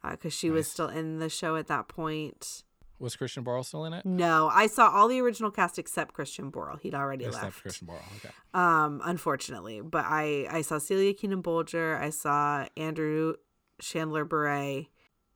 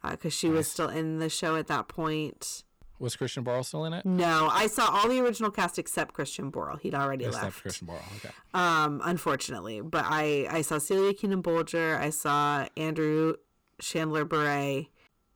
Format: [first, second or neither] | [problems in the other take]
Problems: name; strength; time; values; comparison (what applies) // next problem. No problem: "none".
first | distortion; heavy; 8% of the sound clipped